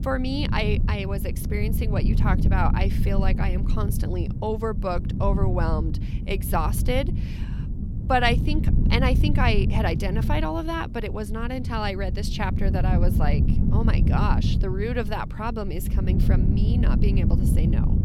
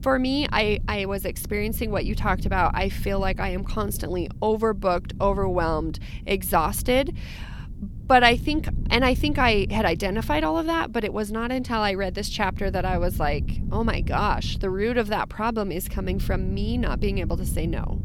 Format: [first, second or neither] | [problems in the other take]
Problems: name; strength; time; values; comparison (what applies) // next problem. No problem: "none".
second | wind noise on the microphone; heavy; 8 dB below the speech; occasional gusts in the second